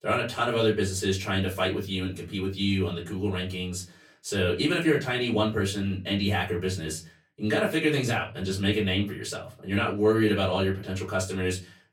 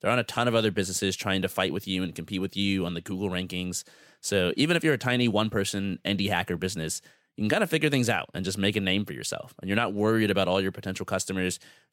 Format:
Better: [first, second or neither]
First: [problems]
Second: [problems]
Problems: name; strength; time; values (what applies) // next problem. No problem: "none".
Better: second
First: off-mic speech; far // room echo; very slight; dies away in 0.3 s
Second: none